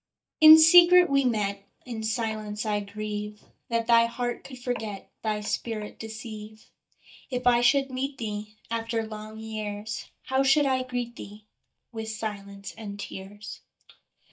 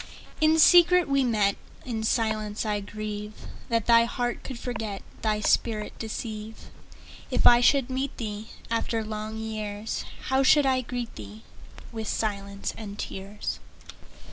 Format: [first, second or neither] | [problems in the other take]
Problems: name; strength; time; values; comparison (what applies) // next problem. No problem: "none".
second | noise reduction (neural mask model DeepFilterNet 3)